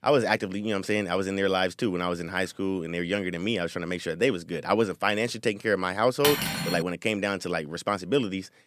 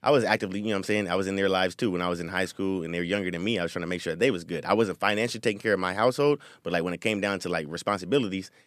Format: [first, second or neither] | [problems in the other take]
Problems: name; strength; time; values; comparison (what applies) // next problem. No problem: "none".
second | clattering dishes; loud; at 6 s; peak 2 dB above the speech